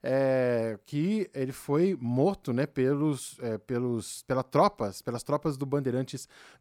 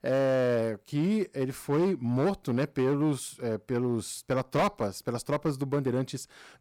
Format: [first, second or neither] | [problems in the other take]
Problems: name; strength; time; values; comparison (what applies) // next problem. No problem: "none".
first | distortion; slight; 8% of the sound clipped